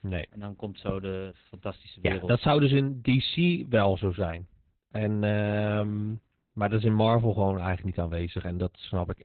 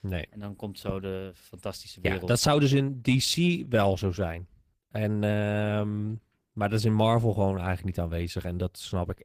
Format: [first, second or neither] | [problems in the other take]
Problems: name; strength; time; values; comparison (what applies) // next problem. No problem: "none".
second | garbled, watery; badly; nothing above 4 kHz; slightly in the second